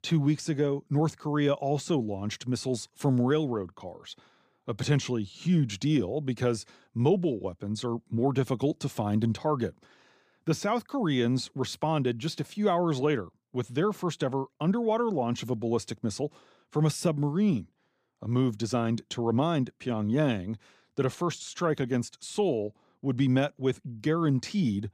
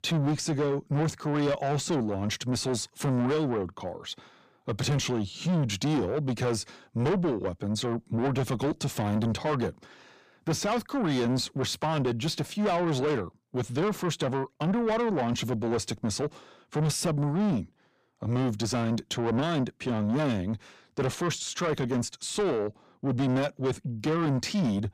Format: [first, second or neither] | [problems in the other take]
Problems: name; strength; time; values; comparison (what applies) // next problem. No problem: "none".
first | distortion; heavy; 7 dB below the speech